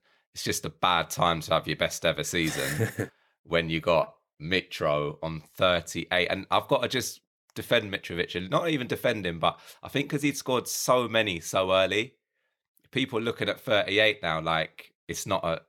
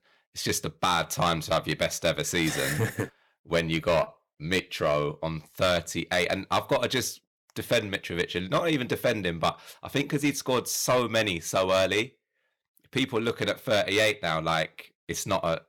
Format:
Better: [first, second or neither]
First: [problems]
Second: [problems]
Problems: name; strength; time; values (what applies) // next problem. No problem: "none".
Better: first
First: none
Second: distortion; slight; 4% of the sound clipped